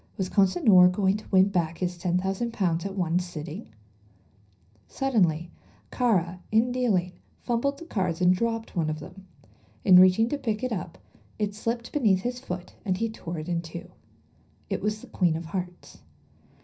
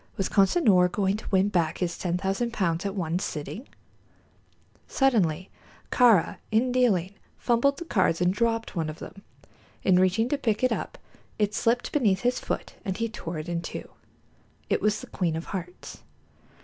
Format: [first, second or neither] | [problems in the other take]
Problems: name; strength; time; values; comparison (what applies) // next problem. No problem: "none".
second | room echo; dies away in 0.4 s